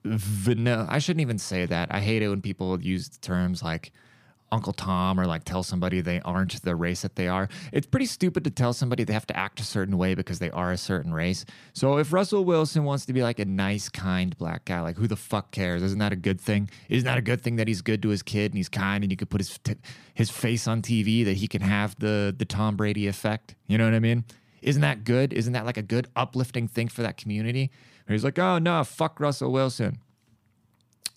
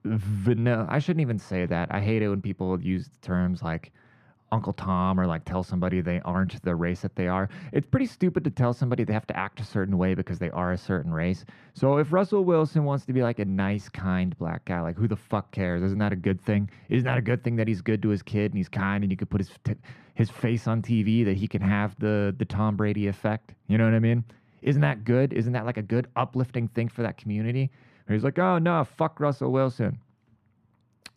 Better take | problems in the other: first | muffled; slightly; fading above 3 kHz

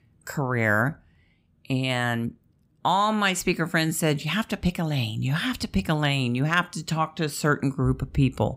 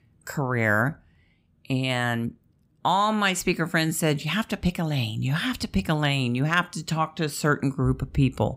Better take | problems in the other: neither | none

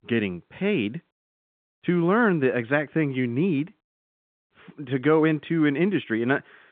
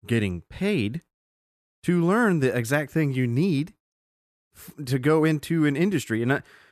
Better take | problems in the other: second | phone-call audio

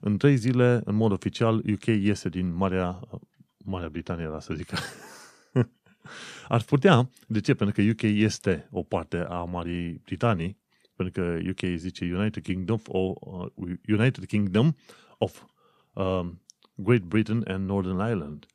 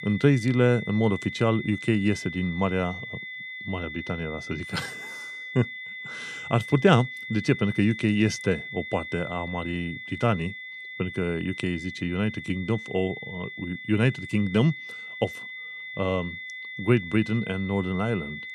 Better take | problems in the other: first | high-pitched whine; loud; throughout; 2 kHz, 10 dB below the speech

